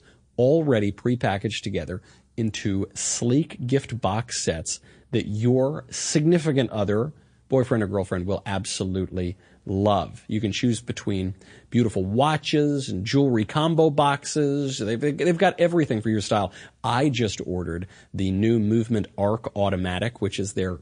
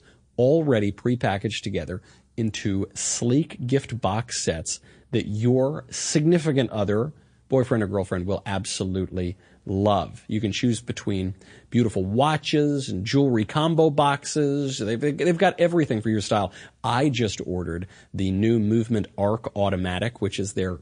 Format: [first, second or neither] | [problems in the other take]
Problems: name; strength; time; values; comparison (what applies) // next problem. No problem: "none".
neither | garbled, watery; slightly; nothing above 9.5 kHz; the same in both